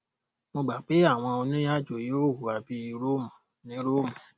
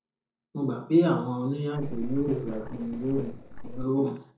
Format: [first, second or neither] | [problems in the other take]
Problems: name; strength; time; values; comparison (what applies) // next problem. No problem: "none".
first | noise reduction (neural separator model SepFormer DNS4)